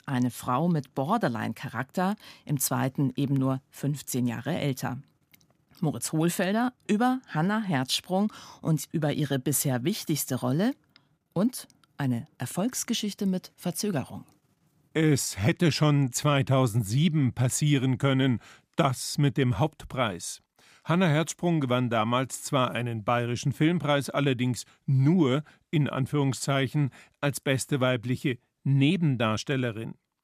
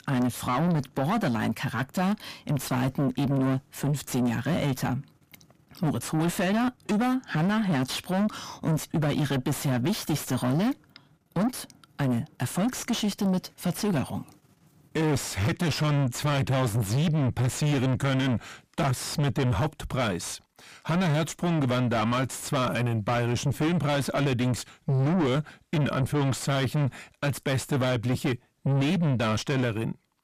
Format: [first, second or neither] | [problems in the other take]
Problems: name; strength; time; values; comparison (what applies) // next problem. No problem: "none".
first | distortion; heavy; 6 dB below the speech